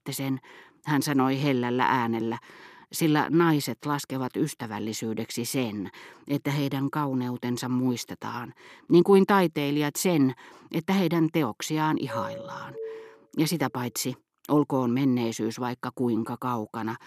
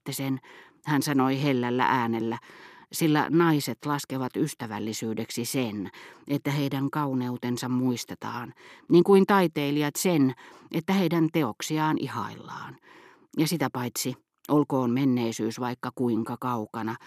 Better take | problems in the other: second | doorbell; noticeable; from 12 to 13 s; peak 10 dB below the speech

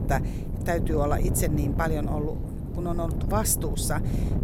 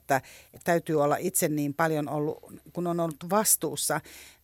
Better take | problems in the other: second | wind noise on the microphone; heavy; 8 dB below the speech

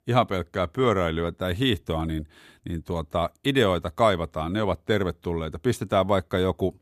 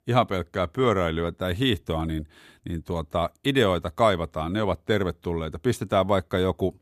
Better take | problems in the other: neither | none

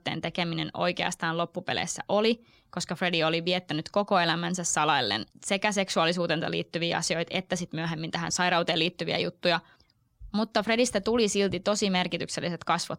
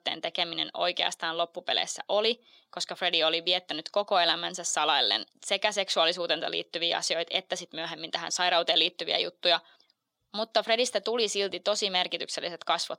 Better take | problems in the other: first | thin; somewhat; fading below 400 Hz

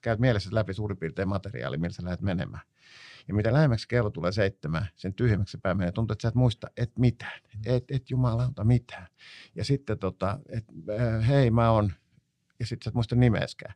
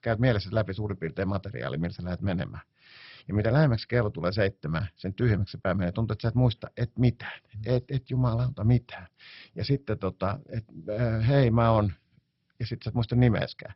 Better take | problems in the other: first | garbled, watery; badly; nothing above 5.5 kHz

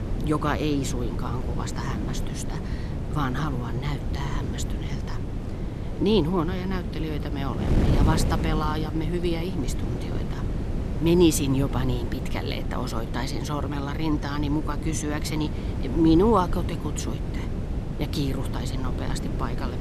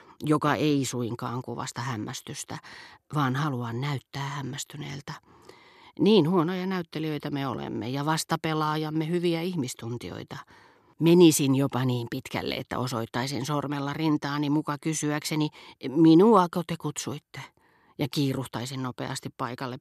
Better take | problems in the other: second | wind noise on the microphone; heavy; 8 dB below the speech

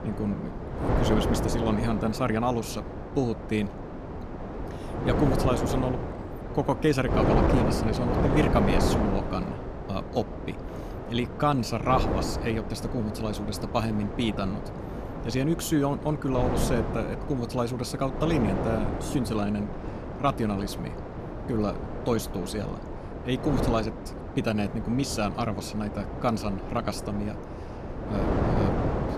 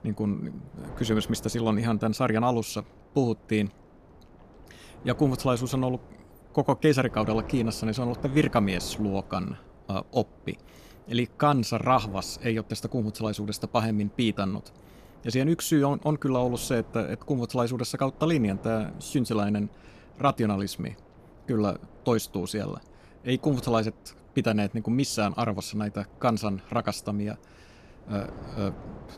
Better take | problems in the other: second | wind noise on the microphone; heavy; 3 dB below the speech; occasional gusts in the second

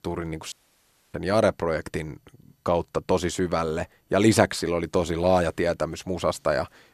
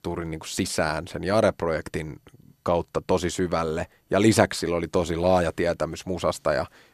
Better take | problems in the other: second | audio cutting out; at 0.5 s for 0.5 s

